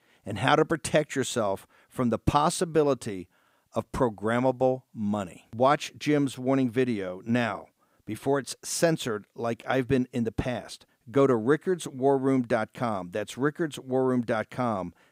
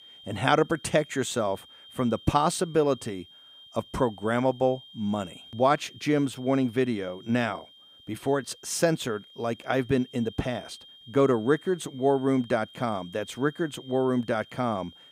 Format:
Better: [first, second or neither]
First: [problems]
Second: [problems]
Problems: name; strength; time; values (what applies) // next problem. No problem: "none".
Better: first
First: none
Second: high-pitched whine; faint; throughout; 3 kHz, 20 dB below the speech